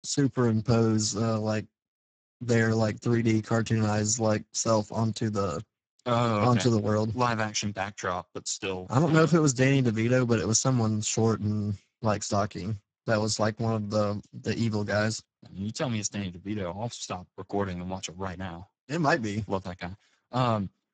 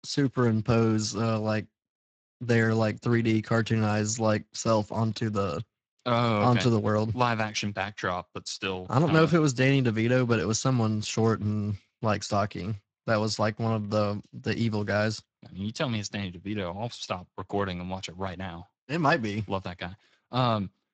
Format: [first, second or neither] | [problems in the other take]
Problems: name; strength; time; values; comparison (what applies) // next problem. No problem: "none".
second | garbled, watery; badly; nothing above 7.5 kHz; slightly in the second